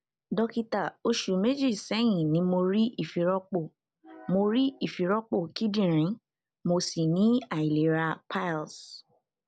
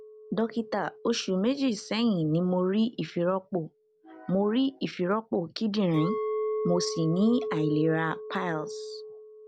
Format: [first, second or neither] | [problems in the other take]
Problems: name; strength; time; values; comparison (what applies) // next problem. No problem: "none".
first | background sound (Chink, clink); 9 dB below the speech